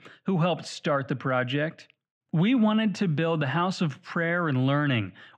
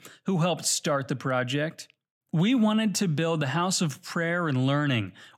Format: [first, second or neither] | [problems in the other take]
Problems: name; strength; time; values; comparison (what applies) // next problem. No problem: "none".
second | muffled; slightly; fading above 2.5 kHz